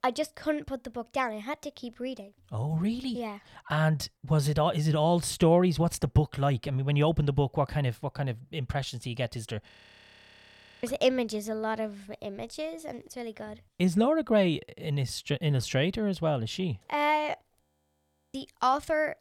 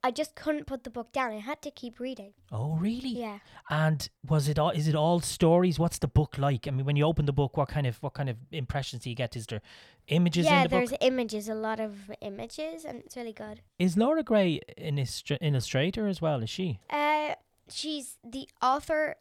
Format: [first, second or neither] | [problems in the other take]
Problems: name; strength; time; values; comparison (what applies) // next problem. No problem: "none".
second | audio freezing; at 9.5 s for 1 s and at 18 s for 0.5 s